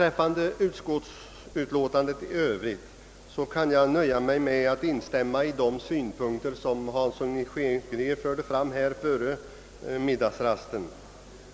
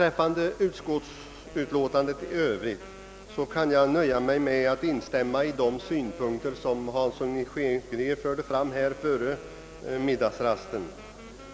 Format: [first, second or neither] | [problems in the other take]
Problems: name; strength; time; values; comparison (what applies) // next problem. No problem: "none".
first | background sound (Wind instrument, woodwind instrument); 20 dB below the speech